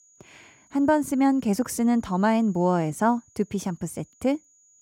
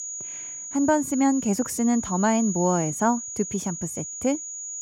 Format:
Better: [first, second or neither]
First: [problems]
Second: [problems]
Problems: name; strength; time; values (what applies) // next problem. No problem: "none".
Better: first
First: high-pitched whine; faint; throughout; 7 kHz, 30 dB below the speech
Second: high-pitched whine; loud; throughout; 7 kHz, 7 dB below the speech